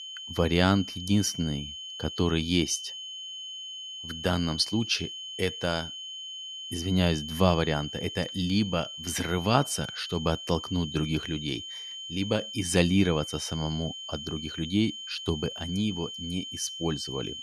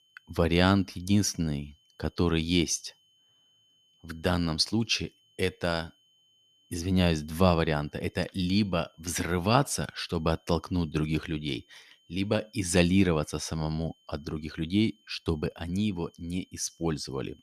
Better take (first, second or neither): second